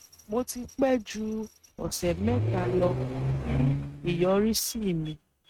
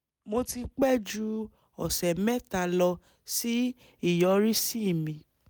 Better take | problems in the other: second | noise reduction (neural mask model RNNoise)

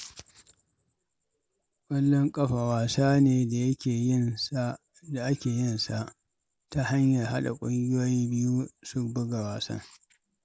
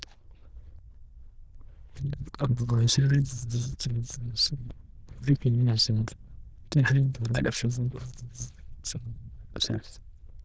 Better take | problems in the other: first | noise reduction (neural diffusion model UNIVERSE++)

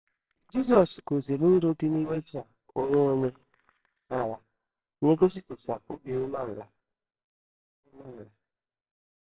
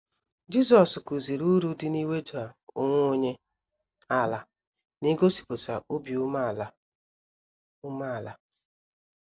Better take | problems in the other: second | noise reduction (neural separator model SepFormer WHAMR!)

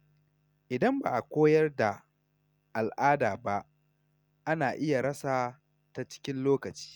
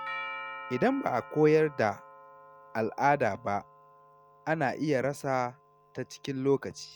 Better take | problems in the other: first | background sound (Doorbell); 16 dB below the speech

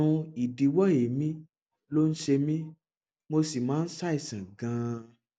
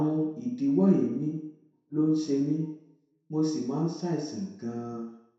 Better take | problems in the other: first | room echo; dies away in 0.7 s

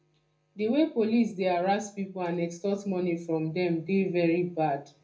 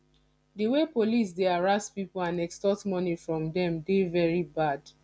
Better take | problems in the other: second | room echo; dies away in 0.3 s

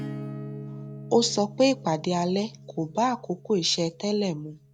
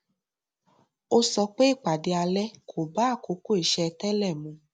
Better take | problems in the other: second | background sound (Acoustic guitar / Strum); 14 dB below the speech

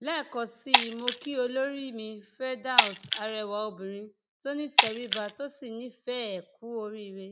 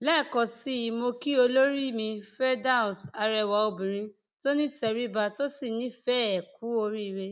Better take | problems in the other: second | background sound (Shatter); 3 dB above the speech

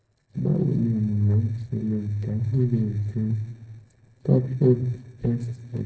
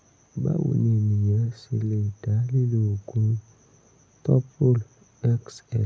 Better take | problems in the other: second | noise reduction (neural separator model SepFormer DNS4)

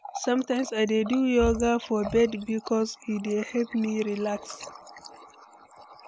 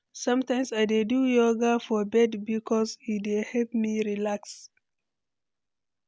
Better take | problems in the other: second | background sound (Water tap, faucet); 14 dB below the speech

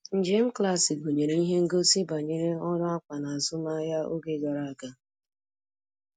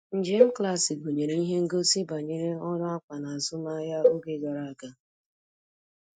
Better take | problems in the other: first | noise reduction (neural mask model DeepFilterNet 3)

